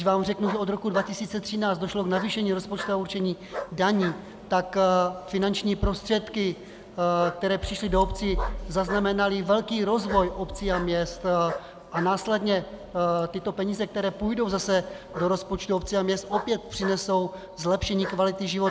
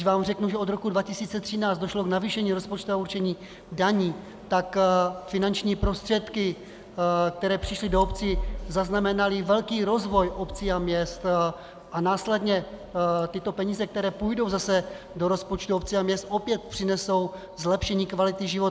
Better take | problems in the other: second | background sound (Bark); 15 dB below the speech

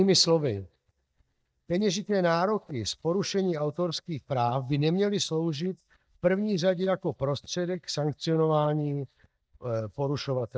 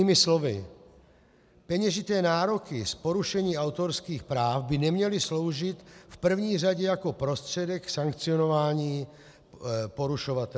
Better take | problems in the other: second | noise reduction (neural mask model DeepFilterNet 3)

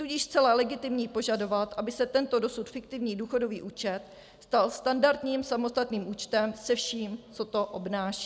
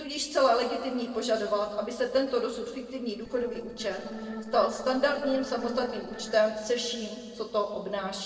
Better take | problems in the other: first | noise reduction (neural separator model SepFormer DNS4)

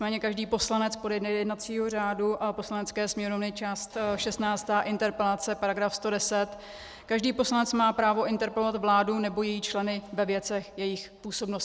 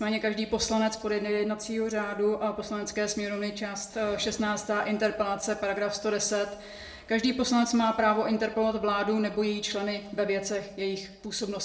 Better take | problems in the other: first | room echo; dies away in 0.6 s

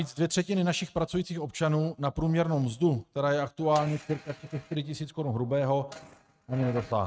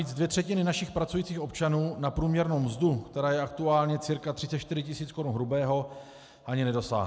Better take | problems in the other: second | noise reduction (neural mask model RNNoise)

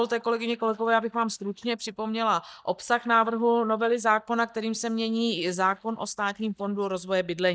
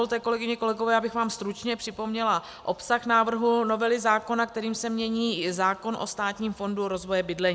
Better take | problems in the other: second | noise reduction (neural mask model DeepFilterNet 3)

